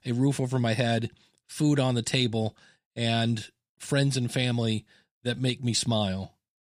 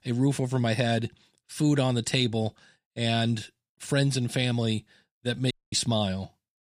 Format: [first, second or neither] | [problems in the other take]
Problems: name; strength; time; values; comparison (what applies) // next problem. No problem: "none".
first | audio cutting out; at 5.5 s